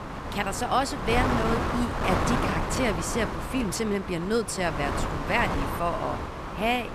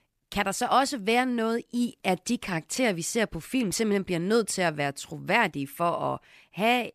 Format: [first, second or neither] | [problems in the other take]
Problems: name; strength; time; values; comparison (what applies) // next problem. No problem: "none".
second | wind noise on the microphone; heavy; 2 dB below the speech